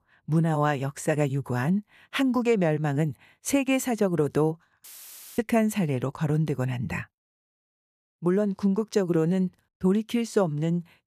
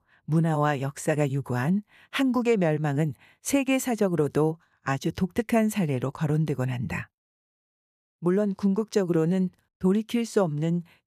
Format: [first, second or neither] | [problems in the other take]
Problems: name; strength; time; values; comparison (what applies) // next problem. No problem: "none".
second | audio cutting out; filled with static; at 5 s for 0.5 s